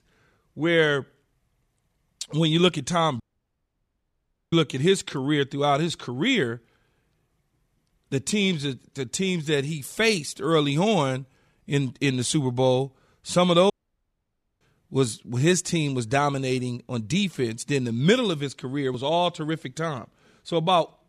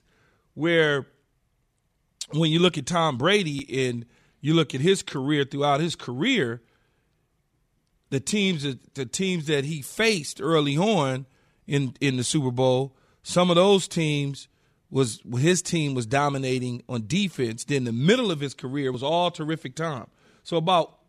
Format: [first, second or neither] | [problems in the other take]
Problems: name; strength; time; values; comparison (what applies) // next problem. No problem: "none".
second | audio cutting out; at 3 s for 1.5 s and at 14 s for 1 s